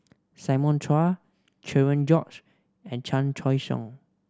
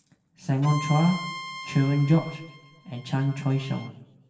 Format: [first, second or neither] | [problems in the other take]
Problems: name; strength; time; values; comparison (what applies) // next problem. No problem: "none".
first | background sound (Bowed string instrument); 13 dB below the speech // room echo; dies away in 0.9 s